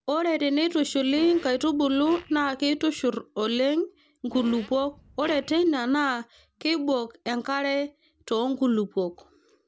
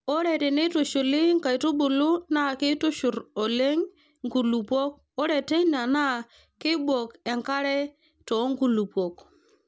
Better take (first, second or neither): second